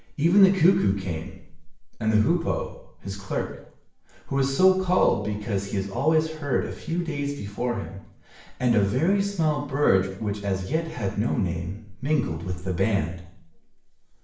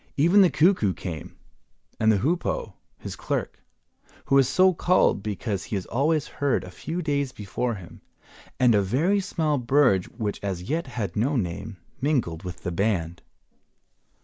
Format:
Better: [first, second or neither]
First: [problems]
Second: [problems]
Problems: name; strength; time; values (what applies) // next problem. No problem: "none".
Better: second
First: room echo; dies away in 0.6 s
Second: none